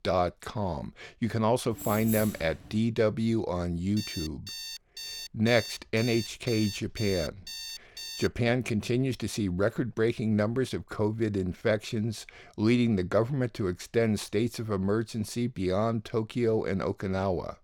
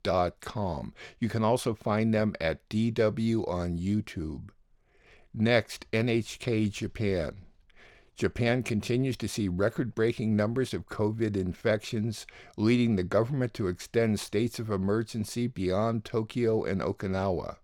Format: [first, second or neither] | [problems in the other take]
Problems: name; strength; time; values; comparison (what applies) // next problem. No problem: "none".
second | jangling keys; noticeable; from 1.5 to 3 s; peak 6 dB below the speech // alarm; noticeable; from 4 to 8.5 s; peak 8 dB below the speech